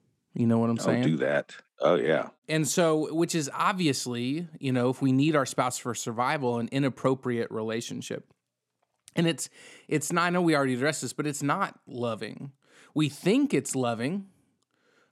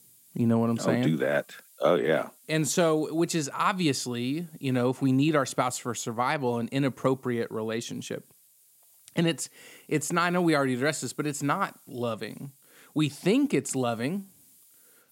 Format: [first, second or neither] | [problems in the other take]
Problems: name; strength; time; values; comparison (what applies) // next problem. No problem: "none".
first | hiss; faint; throughout; 30 dB below the speech